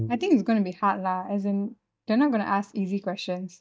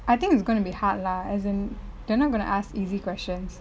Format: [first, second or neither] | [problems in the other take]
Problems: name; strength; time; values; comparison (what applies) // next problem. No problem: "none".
second | noise reduction (neural mask model DeepFilterNet 3)